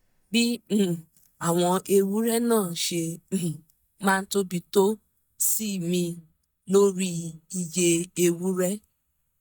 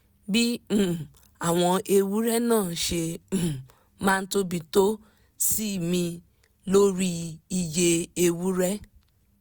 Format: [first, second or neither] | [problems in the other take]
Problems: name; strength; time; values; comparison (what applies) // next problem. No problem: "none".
second | noise reduction (neural mask model DeepFilterNet 3)